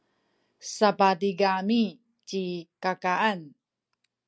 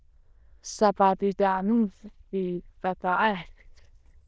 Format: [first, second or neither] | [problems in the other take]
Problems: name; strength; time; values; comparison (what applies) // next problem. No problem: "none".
first | noise reduction (neural diffusion model UNIVERSE++)